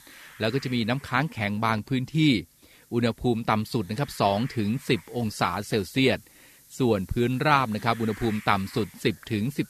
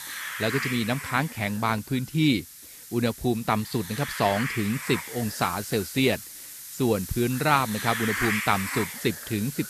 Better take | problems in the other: first | hiss; loud; throughout; 7 dB below the speech; faint in the first

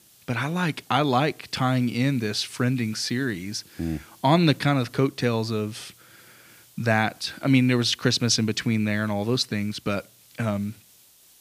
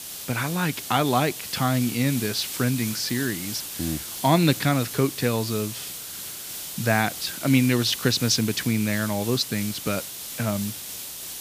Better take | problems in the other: first | hiss; loud; throughout; 8 dB below the speech; faint in the first

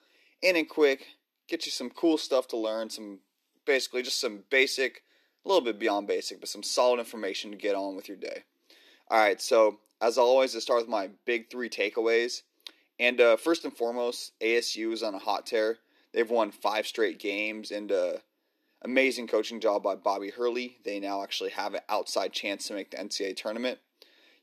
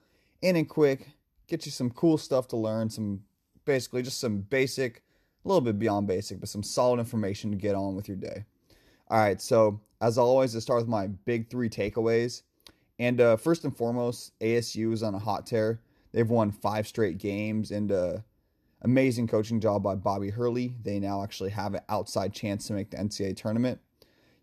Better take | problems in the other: second | thin; somewhat; fading below 300 Hz

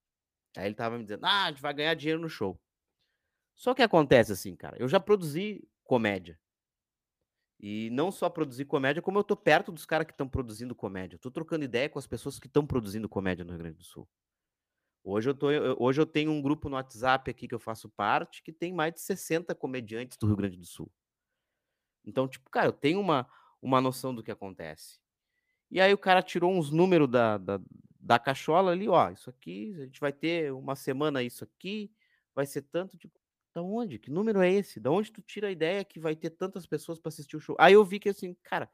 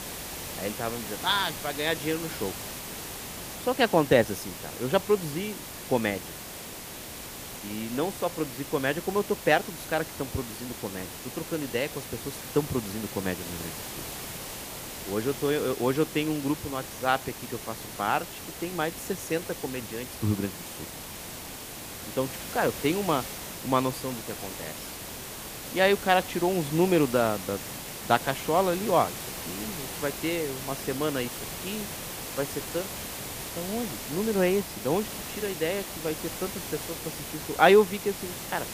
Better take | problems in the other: first | hiss; loud; throughout; 8 dB below the speech

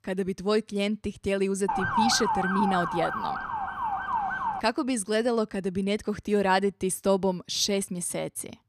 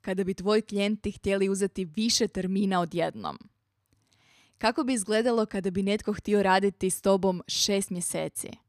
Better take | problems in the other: second | siren; loud; from 1.5 to 4.5 s; peak 2 dB above the speech

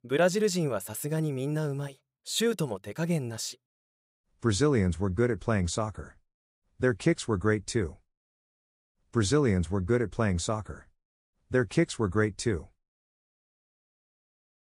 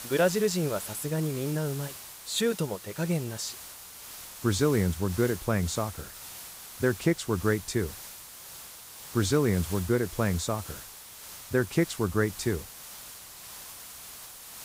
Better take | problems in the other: first | hiss; noticeable; throughout; 10 dB below the speech

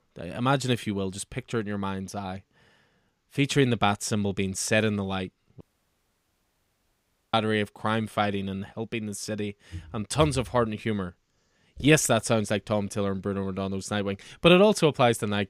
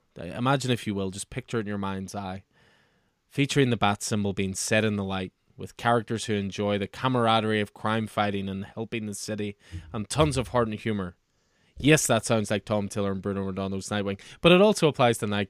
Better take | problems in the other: second | audio cutting out; at 5.5 s for 1.5 s

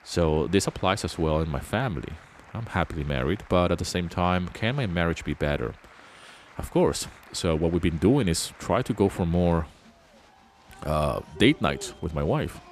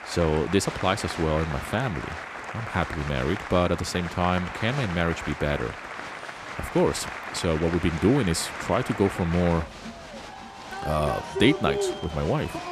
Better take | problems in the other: first | crowd noise; loud; throughout; 8 dB below the speech; faint in the first

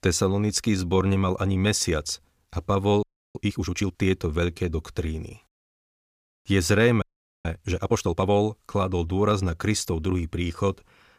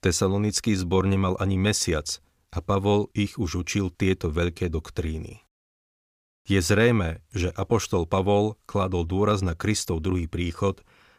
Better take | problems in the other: second | audio freezing; at 3 s and at 7 s

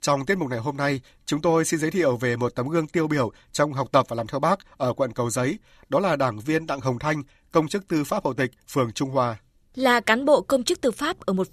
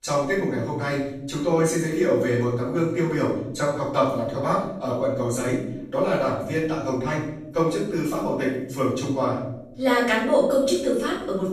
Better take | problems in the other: first | off-mic speech; far // room echo; noticeable; dies away in 0.7 s

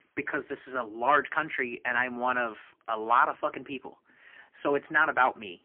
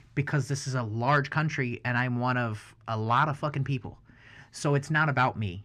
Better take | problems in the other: second | phone-call audio; poor line; nothing above 3 kHz

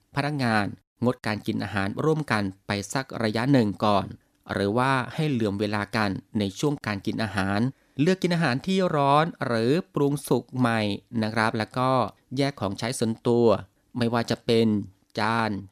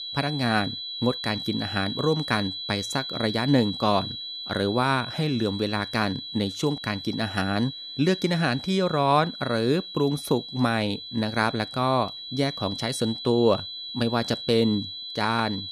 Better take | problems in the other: first | high-pitched whine; loud; throughout; 4 kHz, 8 dB below the speech

